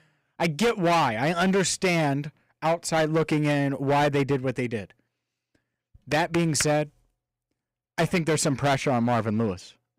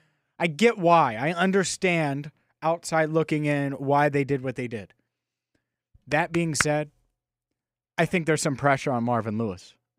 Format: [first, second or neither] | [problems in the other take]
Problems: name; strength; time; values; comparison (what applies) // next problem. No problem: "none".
second | distortion; heavy; 10% of the sound clipped